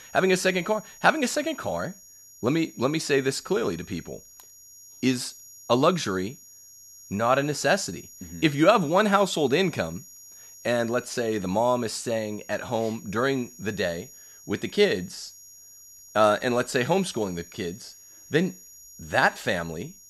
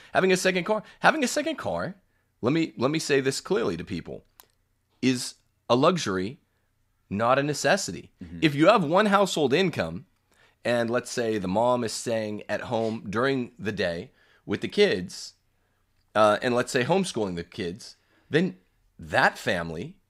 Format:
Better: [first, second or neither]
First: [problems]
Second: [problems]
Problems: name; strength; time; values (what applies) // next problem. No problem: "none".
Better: second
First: high-pitched whine; faint; throughout; 6.5 kHz, 20 dB below the speech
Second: none